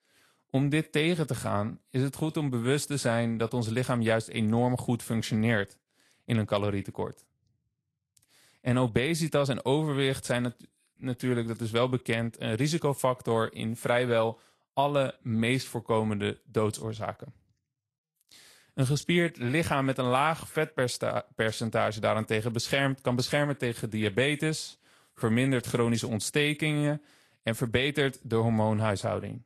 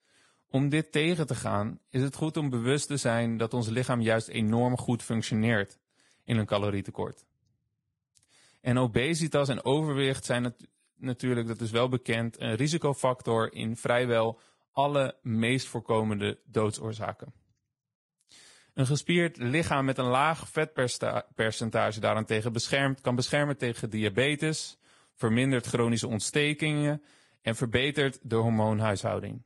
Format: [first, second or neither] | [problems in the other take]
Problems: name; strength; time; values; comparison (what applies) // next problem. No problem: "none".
first | garbled, watery; badly; nothing above 10.5 kHz; slightly in the first